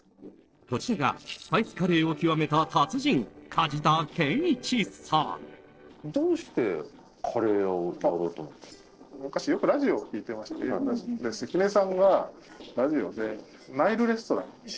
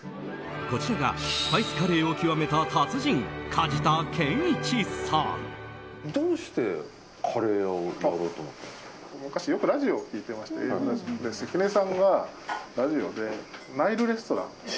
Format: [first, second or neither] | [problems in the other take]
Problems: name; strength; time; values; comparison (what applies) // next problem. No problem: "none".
second | noise reduction (neural separator model SepFormer DNS4)